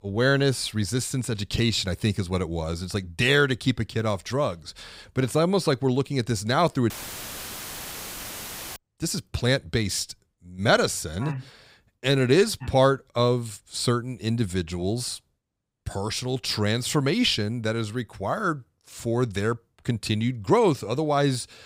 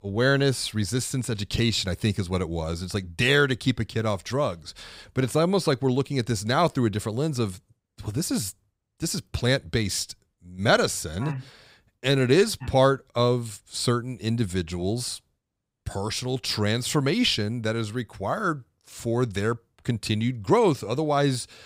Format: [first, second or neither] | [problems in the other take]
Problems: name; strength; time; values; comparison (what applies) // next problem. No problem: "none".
second | audio cutting out; filled with static; at 7 s for 2 s